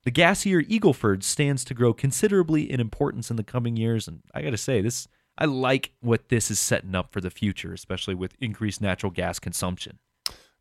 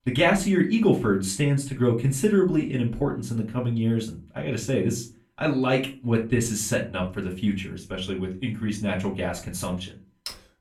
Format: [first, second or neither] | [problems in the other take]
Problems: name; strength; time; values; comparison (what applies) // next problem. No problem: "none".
first | off-mic speech; far // room echo; slight; dies away in 0.3 s